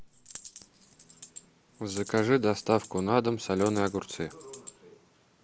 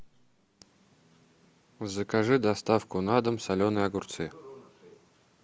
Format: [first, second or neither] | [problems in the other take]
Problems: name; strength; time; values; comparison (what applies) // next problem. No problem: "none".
second | background sound (Coin (dropping)); 19 dB below the speech